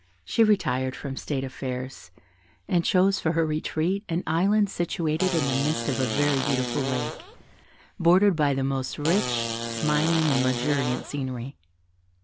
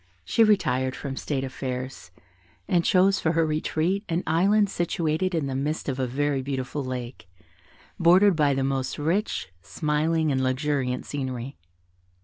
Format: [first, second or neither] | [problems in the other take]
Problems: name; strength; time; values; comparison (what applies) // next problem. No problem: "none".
second | background sound (Fart); 5 dB below the speech